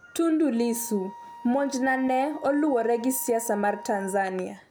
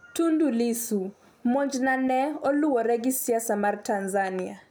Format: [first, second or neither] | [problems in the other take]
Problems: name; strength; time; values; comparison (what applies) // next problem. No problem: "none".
second | background sound (Wind instrument, woodwind instrument); 19 dB below the speech